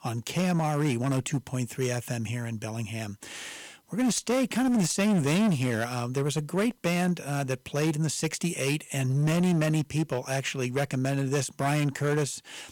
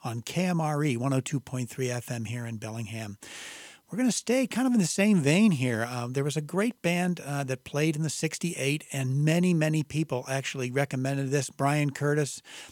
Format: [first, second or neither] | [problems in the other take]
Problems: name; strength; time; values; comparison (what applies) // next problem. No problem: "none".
second | distortion; slight; 11% of the sound clipped